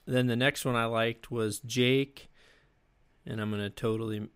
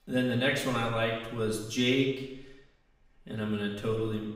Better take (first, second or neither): first